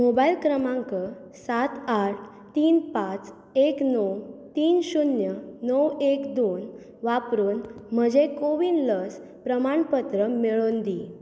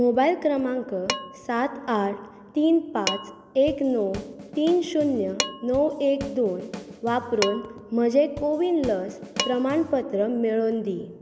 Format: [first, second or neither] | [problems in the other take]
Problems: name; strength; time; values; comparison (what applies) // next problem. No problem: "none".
first | background sound (Dishes, pots, and pans + Drum kit); 12 dB below the speech